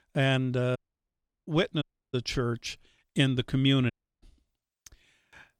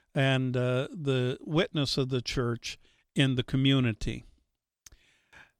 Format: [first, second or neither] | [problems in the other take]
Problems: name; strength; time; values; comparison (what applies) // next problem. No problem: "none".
second | audio cutting out; at 1 s for 0.5 s, at 2 s and at 4 s